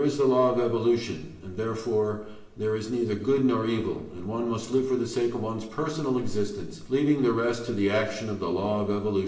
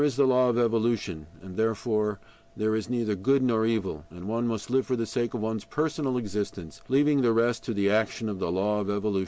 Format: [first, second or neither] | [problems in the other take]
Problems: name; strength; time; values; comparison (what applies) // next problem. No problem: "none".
second | room echo; dies away in 0.8 s